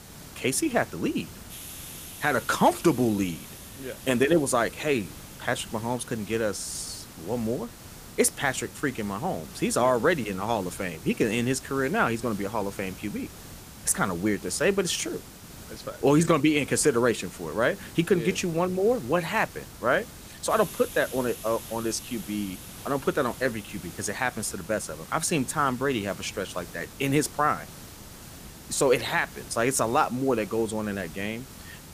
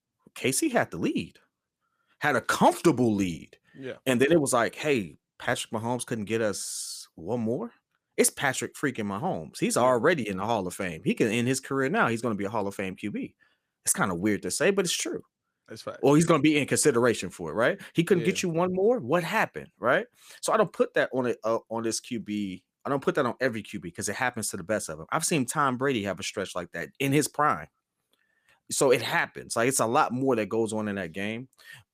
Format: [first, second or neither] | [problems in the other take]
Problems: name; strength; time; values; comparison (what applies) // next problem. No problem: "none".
second | hiss; noticeable; throughout; 15 dB below the speech